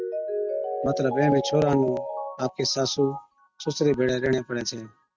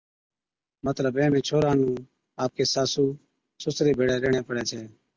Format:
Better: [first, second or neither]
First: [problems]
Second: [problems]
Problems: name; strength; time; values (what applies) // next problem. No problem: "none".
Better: second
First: noise reduction (neural mask model RNNoise)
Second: none